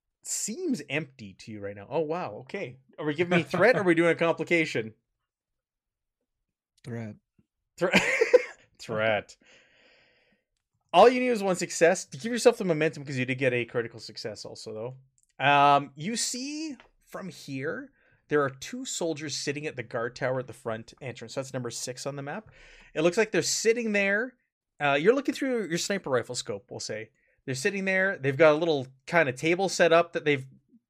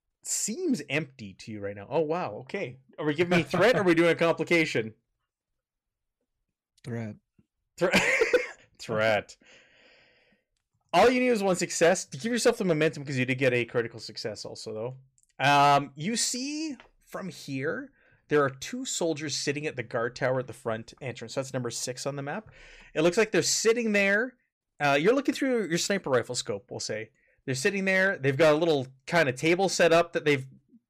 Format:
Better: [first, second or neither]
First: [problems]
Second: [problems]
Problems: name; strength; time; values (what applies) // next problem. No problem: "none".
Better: first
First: none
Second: distortion; slight; 2% of the sound clipped